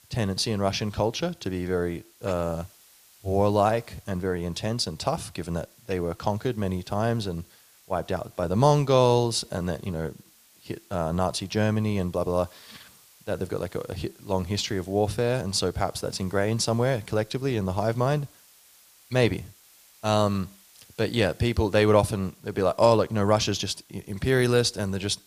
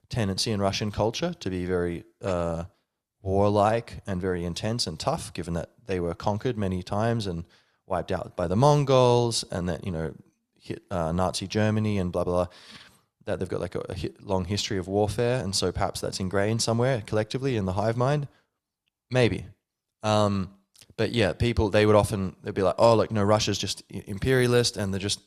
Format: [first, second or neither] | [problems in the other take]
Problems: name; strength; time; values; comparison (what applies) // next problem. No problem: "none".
second | hiss; faint; throughout; 25 dB below the speech